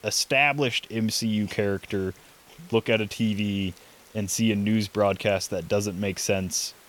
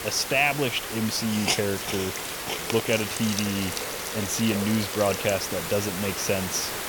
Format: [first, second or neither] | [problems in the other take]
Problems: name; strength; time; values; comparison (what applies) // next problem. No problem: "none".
first | hiss; loud; throughout; 3 dB below the speech; faint in the first